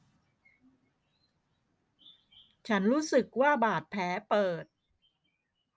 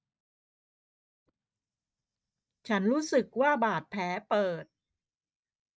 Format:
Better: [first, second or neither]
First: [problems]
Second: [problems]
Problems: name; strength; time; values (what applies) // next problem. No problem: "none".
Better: first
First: none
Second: noise reduction (neural mask model DeepFilterNet 3)